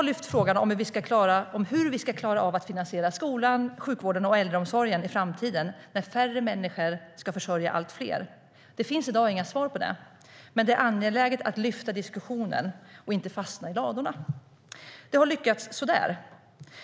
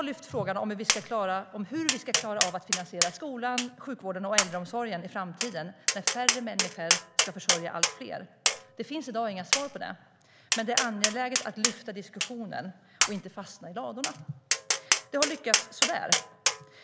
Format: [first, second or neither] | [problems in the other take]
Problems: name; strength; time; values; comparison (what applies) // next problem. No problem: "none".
first | background sound (Tap); 3 dB above the speech